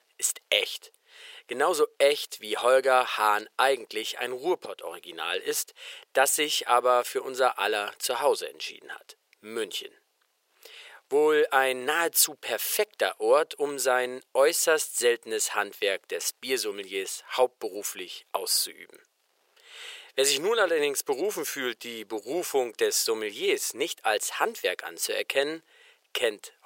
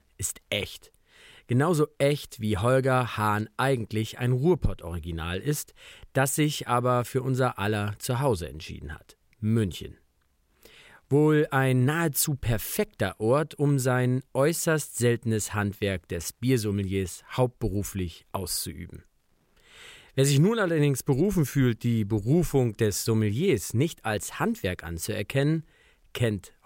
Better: second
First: thin; very; fading below 450 Hz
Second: none

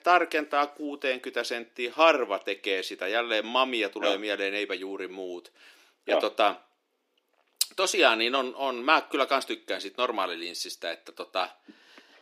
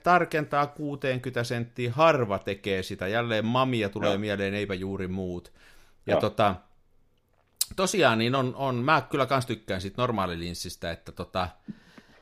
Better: second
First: thin; somewhat; fading below 300 Hz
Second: none

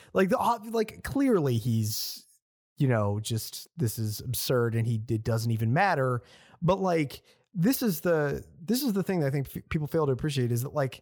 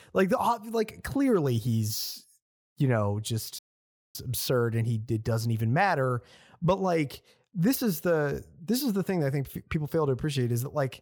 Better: first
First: none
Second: audio cutting out; at 3.5 s for 0.5 s

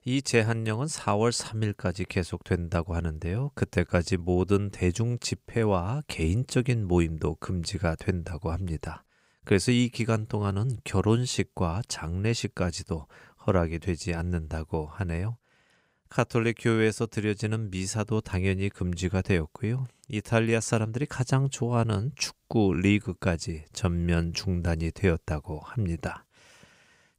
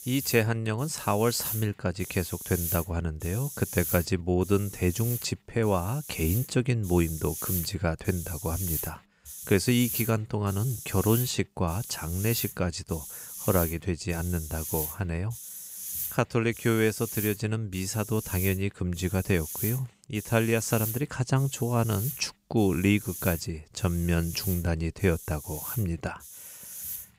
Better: first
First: none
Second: hiss; loud; throughout; 7 dB below the speech

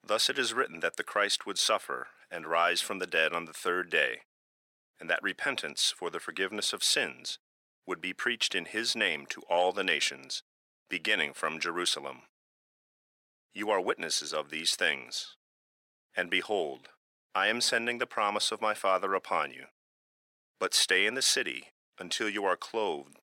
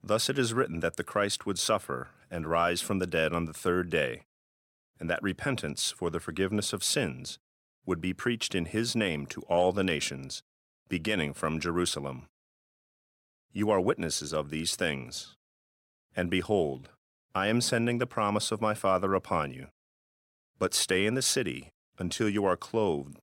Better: second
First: thin; somewhat; fading below 400 Hz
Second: none

